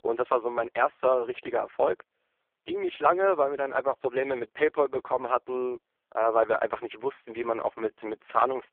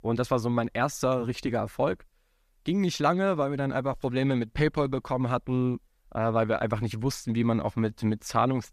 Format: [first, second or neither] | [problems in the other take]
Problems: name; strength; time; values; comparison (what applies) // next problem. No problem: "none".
second | phone-call audio; poor line